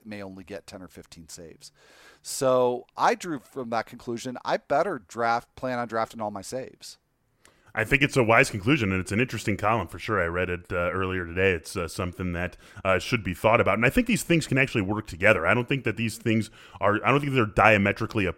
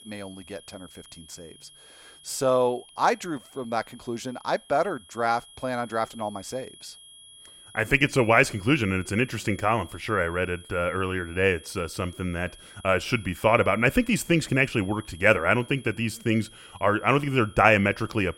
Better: first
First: none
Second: high-pitched whine; faint; throughout; 3.5 kHz, 25 dB below the speech

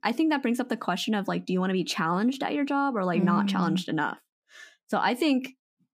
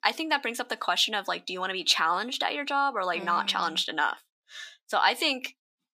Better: first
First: none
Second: thin; very; fading below 700 Hz

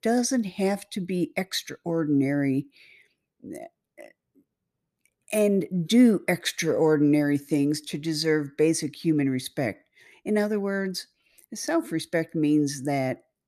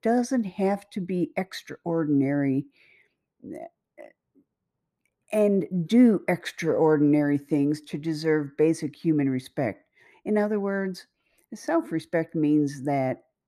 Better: first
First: none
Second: muffled; slightly; fading above 2.5 kHz

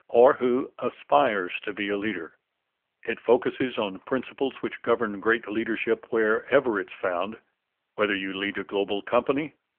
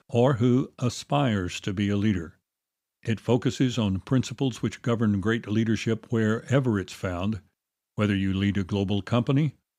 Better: second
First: phone-call audio; poor line; nothing above 3 kHz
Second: none

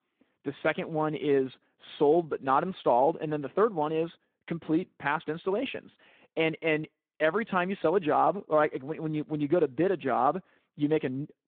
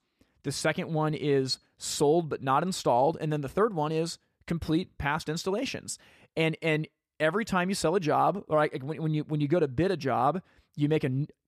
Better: second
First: phone-call audio; nothing above 3.5 kHz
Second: none

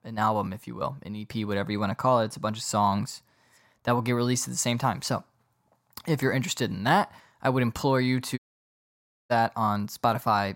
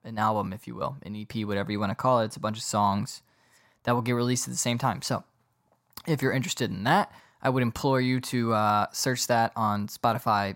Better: second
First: audio cutting out; at 8.5 s for 1 s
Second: none

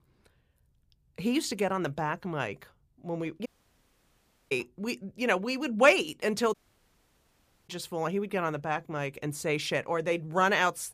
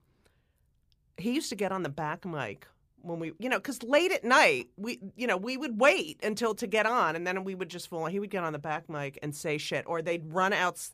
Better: second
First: audio cutting out; at 3.5 s for 1 s and at 6.5 s for 1 s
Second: none

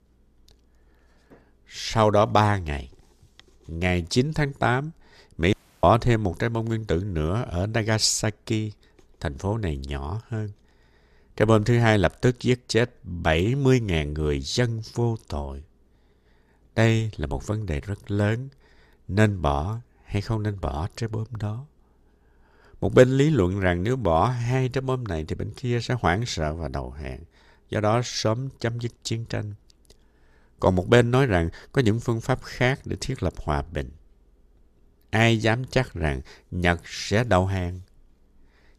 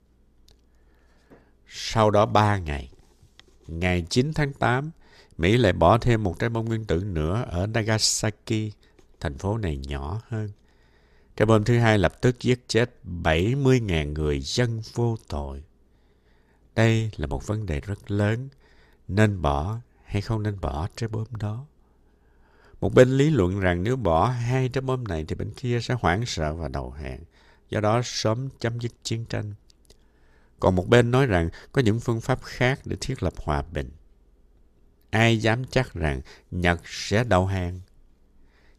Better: second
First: audio cutting out; at 5.5 s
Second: none

